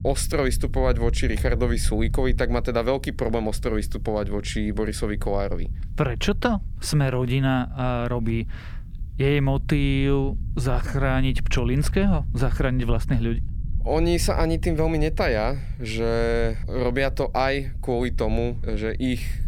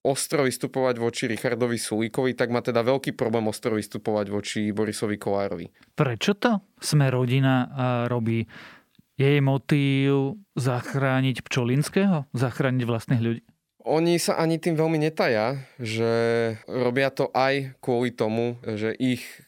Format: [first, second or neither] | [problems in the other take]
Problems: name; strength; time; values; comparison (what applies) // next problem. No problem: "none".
second | low rumble; faint; throughout; 20 dB below the speech